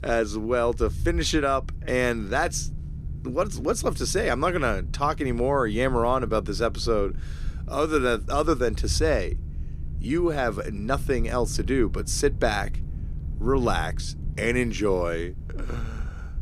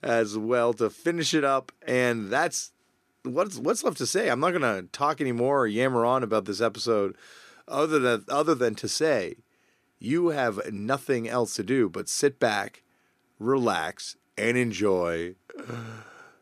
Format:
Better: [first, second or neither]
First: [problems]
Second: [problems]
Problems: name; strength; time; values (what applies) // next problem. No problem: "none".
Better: second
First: low rumble; faint; throughout; 25 dB below the speech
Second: none